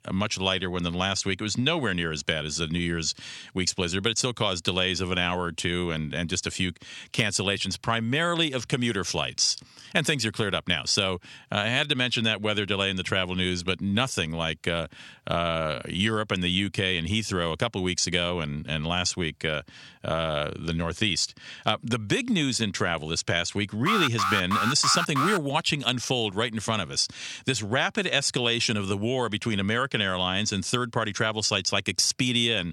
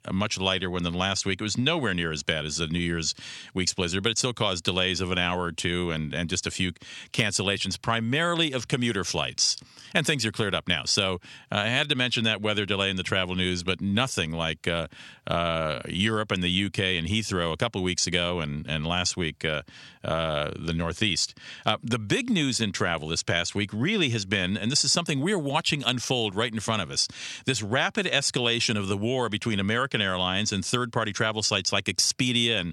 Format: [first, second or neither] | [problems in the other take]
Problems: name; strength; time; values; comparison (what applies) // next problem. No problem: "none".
second | alarm; loud; from 24 to 25 s; peak level with the speech